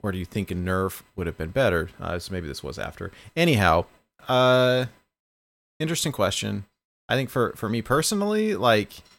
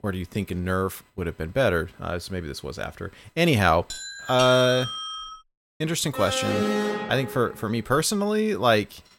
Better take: first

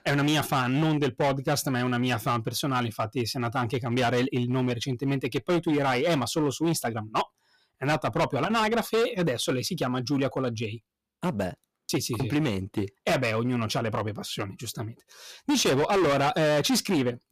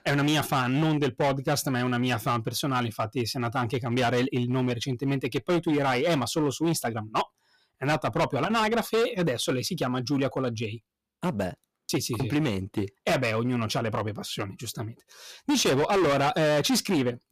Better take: neither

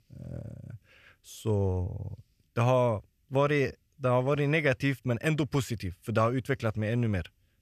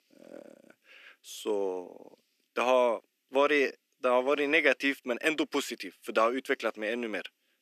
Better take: first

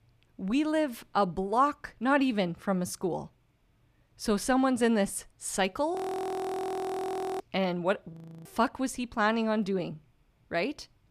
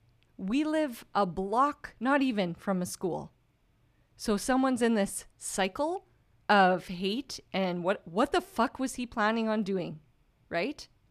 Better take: second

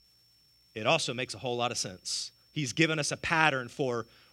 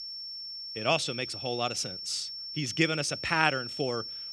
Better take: first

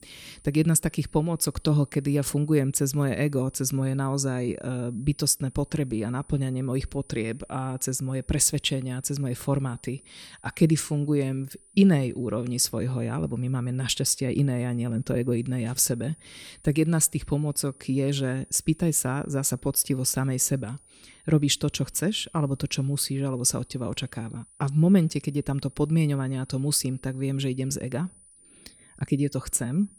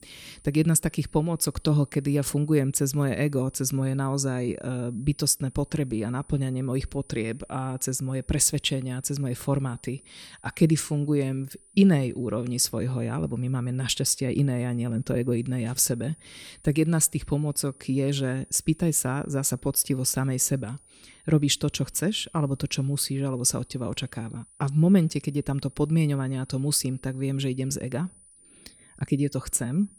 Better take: neither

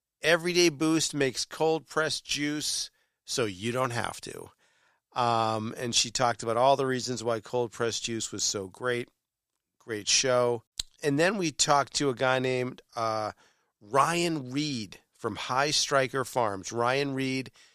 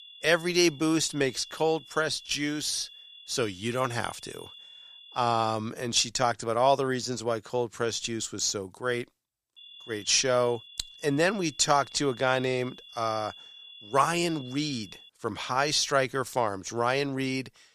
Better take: first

